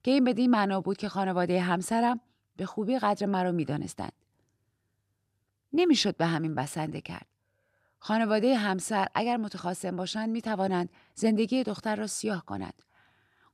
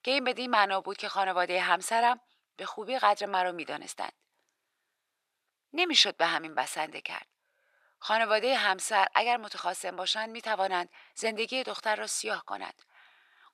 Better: first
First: none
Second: thin; very; fading below 700 Hz

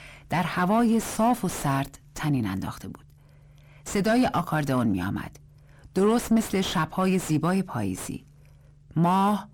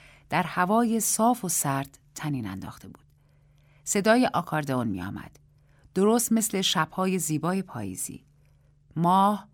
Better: second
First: distortion; heavy; 5 dB below the speech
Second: none

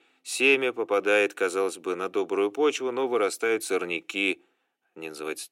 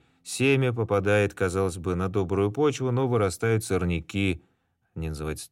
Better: second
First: thin; somewhat; fading below 350 Hz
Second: none

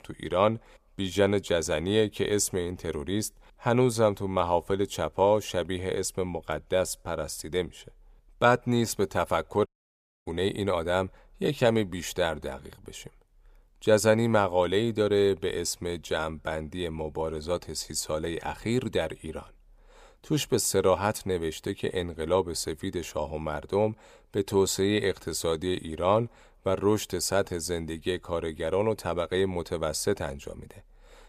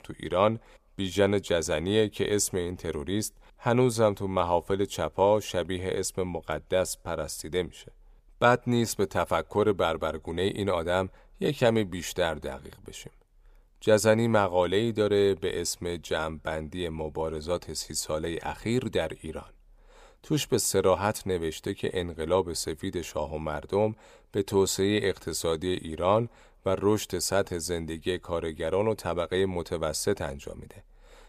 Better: second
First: audio cutting out; at 9.5 s for 0.5 s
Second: none

